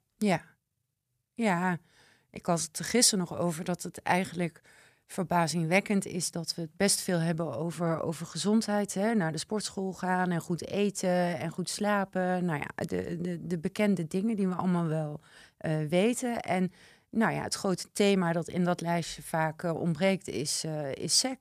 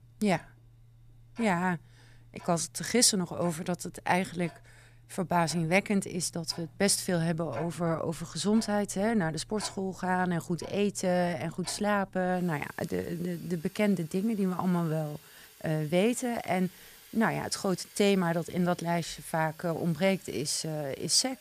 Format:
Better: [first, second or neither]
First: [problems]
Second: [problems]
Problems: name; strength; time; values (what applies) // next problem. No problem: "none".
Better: first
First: none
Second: household noises; faint; throughout; 20 dB below the speech